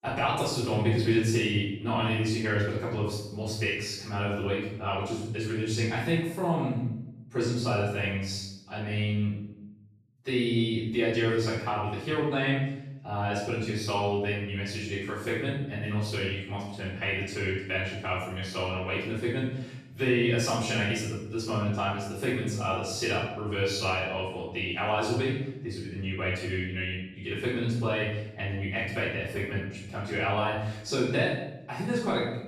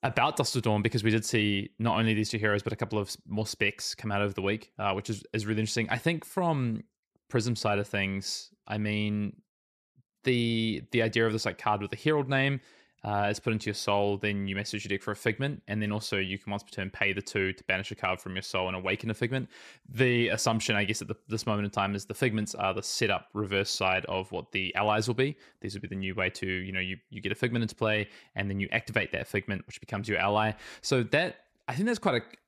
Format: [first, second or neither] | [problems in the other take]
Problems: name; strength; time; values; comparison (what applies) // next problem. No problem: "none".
second | off-mic speech; far // room echo; strong; dies away in 0.7 s